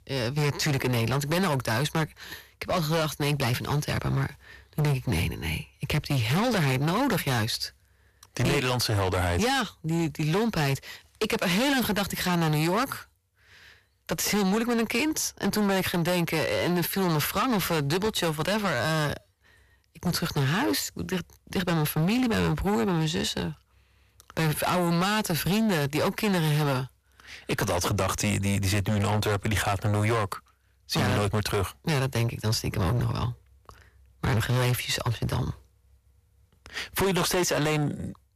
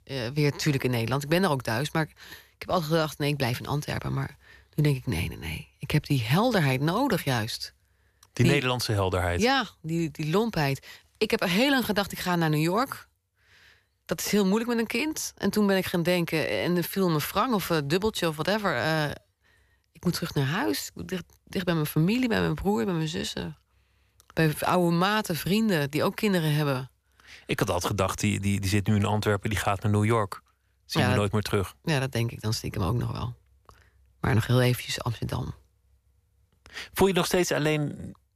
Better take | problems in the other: second | distortion; heavy; 19% of the sound clipped

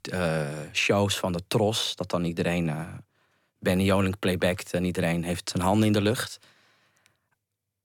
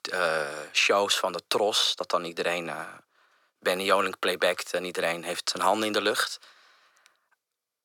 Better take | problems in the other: first | thin; very; fading below 500 Hz

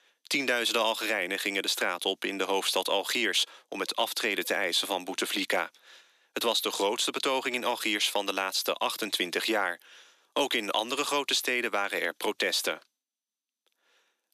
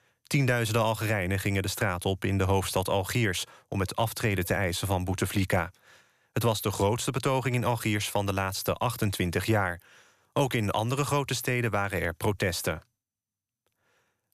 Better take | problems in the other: second | thin; somewhat; fading below 250 Hz

